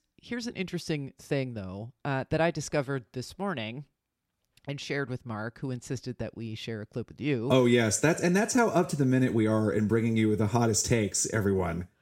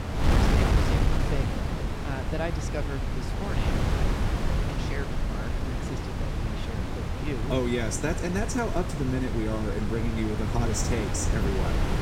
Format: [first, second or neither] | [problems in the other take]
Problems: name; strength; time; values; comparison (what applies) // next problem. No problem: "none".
first | wind noise on the microphone; heavy; as loud as the speech